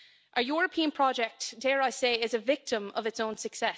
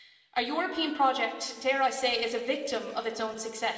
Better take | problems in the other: first | room echo; dies away in 2.4 s

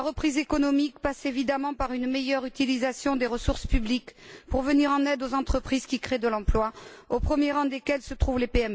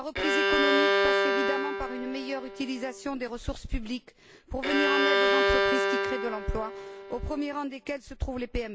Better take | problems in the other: first | background sound (Bowed string instrument); 5 dB above the speech

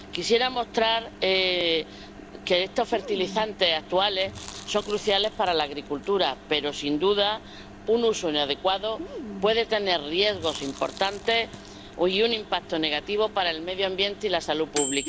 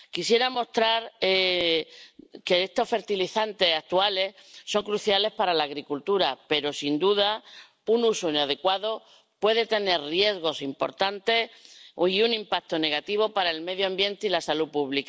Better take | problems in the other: second | background sound (Chewing, mastication + Microwave oven); 14 dB below the speech

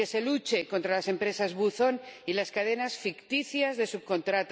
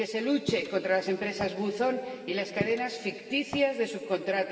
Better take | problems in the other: first | background sound (Walk, footsteps); 12 dB below the speech // room echo; dies away in 2.7 s

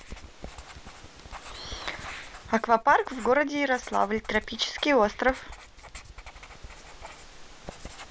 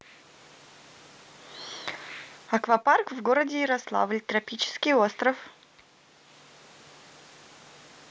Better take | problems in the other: second | background sound (Writing); 15 dB below the speech

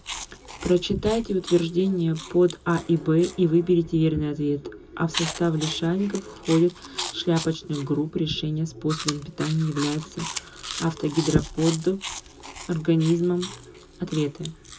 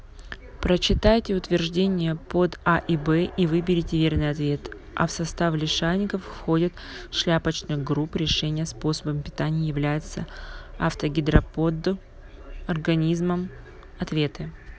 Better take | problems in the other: second | background sound (Chewing, mastication); 14 dB below the speech // room echo; dies away in 0.2 s

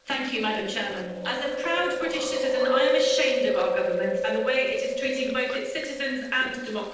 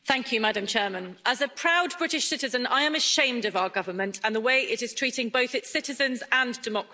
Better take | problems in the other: second | noise reduction (neural separator model SepFormer DNS4)

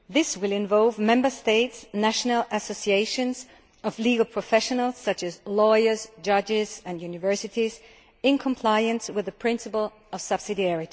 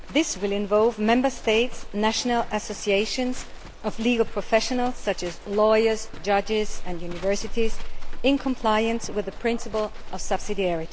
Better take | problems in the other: first | background sound (Livestock, farm animals, working animals); 5 dB below the speech

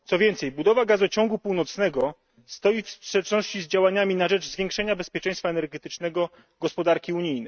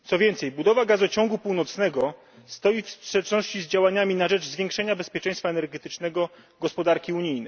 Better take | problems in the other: second | noise reduction (neural mask model RNNoise)

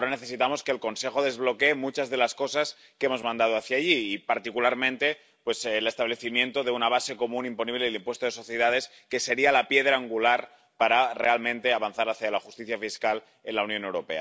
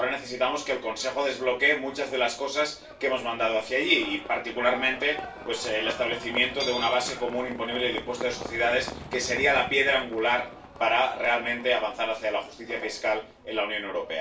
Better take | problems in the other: first | background sound (Livestock, farm animals, working animals); 14 dB below the speech // room echo; dies away in 0.3 s

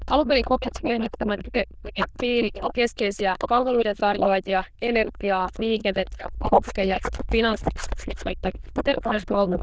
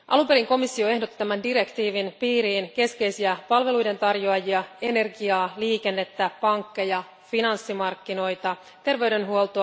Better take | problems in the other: second | noise reduction (neural diffusion model UNIVERSE++)

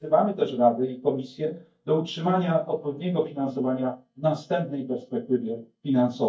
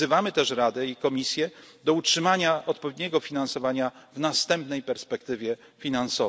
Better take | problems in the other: second | noise reduction (neural mask model DeepFilterNet 3)

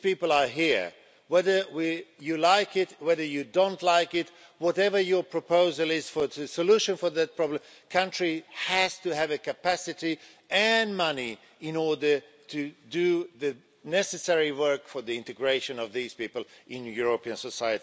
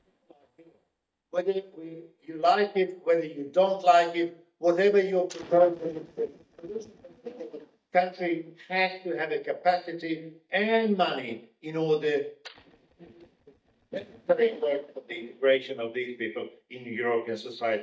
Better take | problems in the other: first | noise reduction (neural mask model DeepFilterNet 3)

